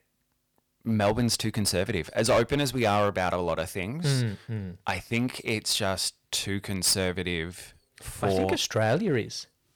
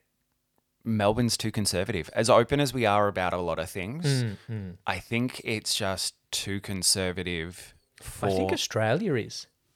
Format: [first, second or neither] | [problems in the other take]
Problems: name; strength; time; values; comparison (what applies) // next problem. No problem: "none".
second | distortion; slight; 4% of the sound clipped